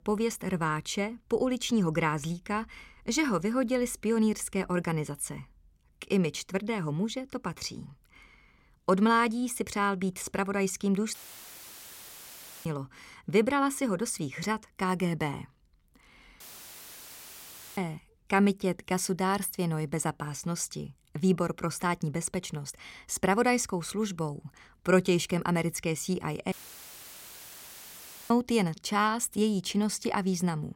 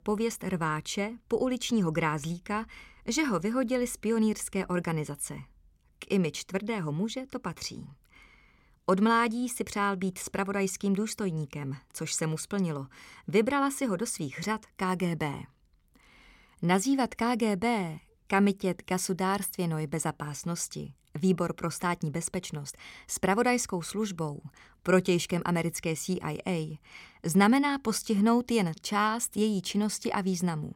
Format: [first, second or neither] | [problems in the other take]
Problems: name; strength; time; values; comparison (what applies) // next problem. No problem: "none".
second | audio cutting out; filled with static; at 11 s for 1.5 s, at 16 s for 1.5 s and at 27 s for 2 s